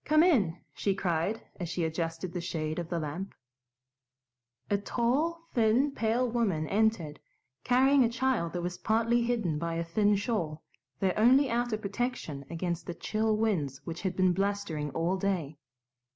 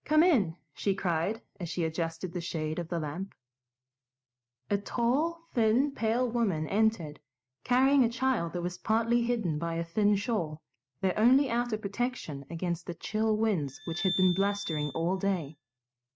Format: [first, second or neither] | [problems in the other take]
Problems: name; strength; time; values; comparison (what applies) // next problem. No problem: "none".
first | noise reduction (neural mask model RNNoise)